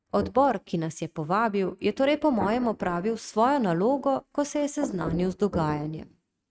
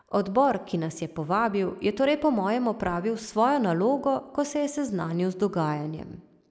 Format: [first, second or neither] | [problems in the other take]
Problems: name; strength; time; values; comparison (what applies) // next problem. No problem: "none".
second | noise reduction (neural mask model RNNoise)